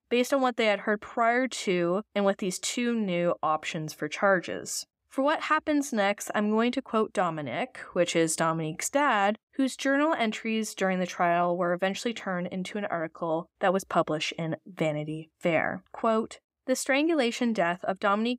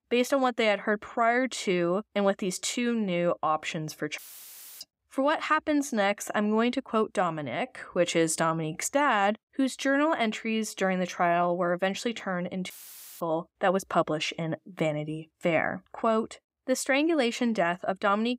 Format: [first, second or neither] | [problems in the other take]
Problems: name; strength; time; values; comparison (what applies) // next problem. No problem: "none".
first | audio cutting out; filled with static; at 4 s for 0.5 s and at 13 s for 0.5 s